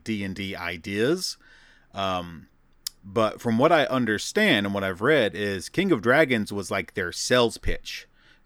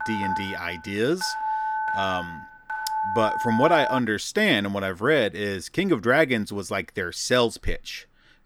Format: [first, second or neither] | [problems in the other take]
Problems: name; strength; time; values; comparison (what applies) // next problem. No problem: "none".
first | phone ringing; noticeable; until 4 s; peak 2 dB below the speech